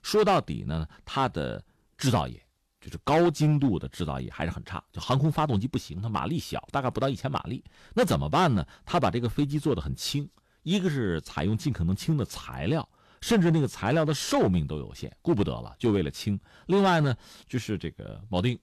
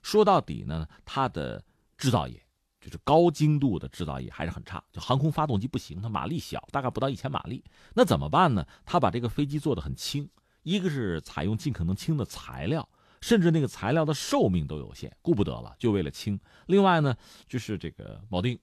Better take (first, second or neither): second